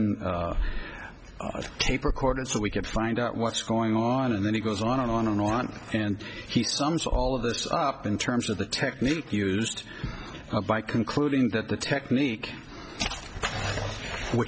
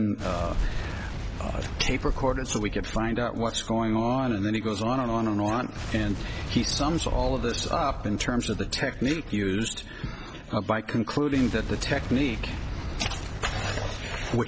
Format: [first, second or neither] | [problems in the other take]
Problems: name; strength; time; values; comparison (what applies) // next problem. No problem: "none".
first | background sound (Boom); 8 dB below the speech